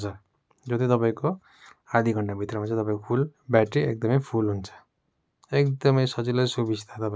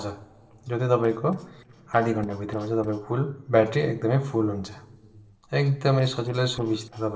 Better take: first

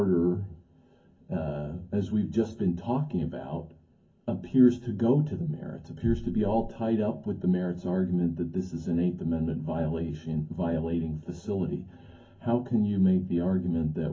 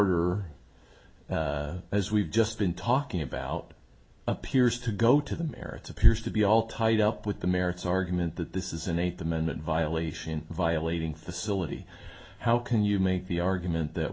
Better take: second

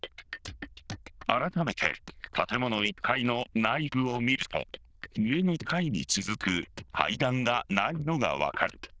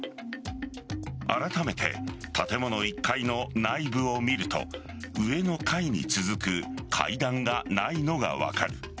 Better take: second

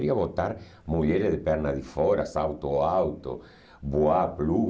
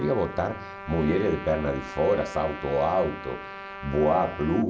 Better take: first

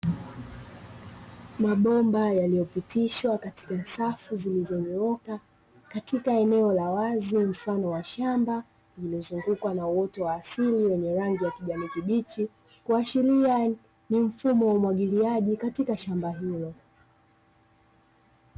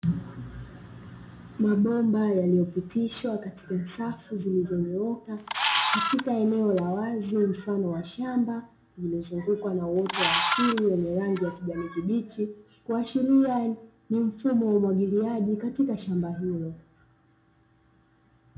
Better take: first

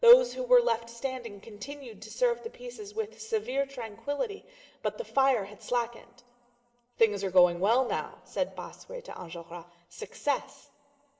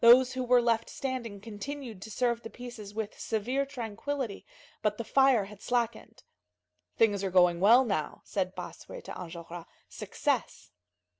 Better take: second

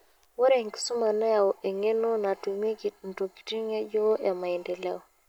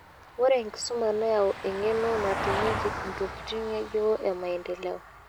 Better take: first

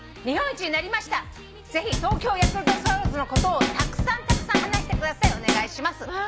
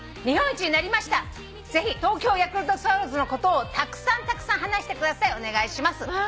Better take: second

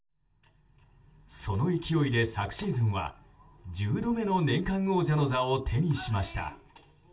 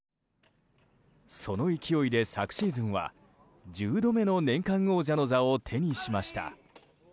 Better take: second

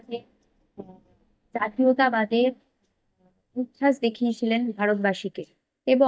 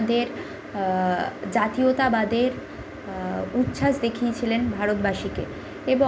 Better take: second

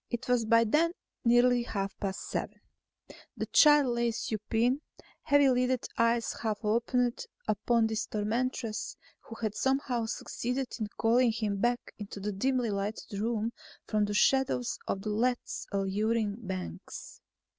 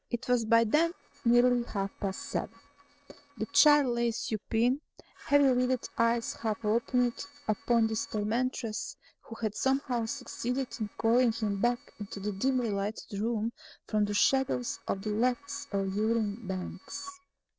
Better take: first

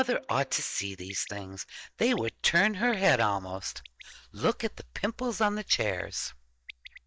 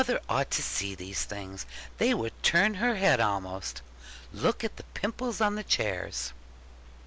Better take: second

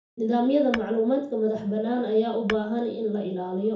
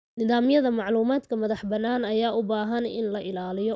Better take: second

